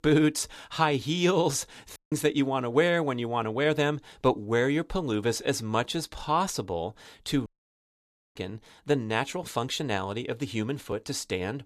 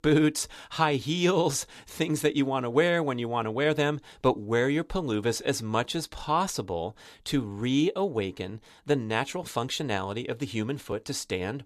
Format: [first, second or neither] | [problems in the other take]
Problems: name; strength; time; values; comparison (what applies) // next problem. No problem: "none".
second | audio cutting out; at 2 s and at 7.5 s for 1 s